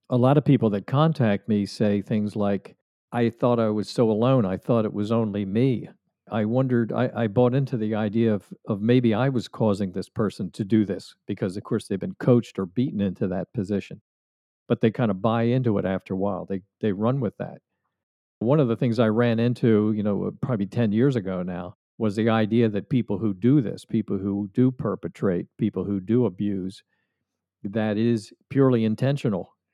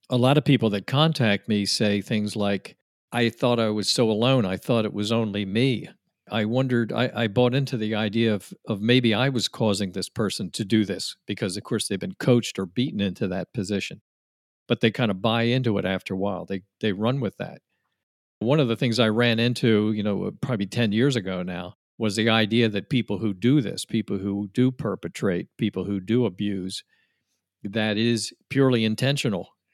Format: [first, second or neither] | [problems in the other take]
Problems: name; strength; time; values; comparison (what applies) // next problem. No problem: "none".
second | muffled; slightly; fading above 1.5 kHz